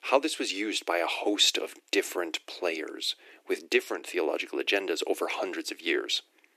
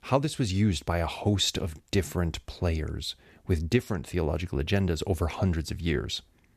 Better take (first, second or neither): second